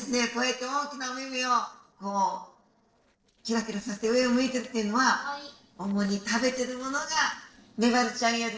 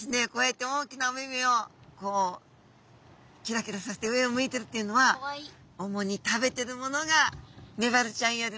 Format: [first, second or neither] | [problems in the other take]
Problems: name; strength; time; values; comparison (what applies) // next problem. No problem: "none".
second | noise reduction (neural separator model SepFormer DNS4)